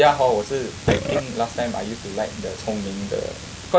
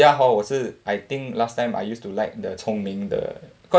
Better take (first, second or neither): second